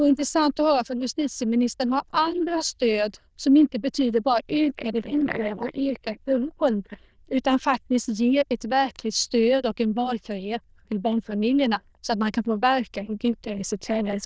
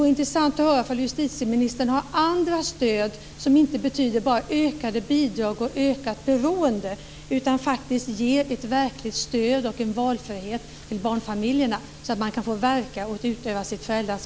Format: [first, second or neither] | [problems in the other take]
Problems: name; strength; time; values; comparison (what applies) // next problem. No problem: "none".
second | noise reduction (neural diffusion model UNIVERSE++)